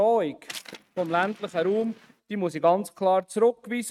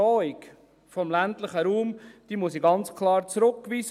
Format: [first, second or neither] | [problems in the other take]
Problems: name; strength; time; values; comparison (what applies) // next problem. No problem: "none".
second | noise reduction (neural mask model RNNoise)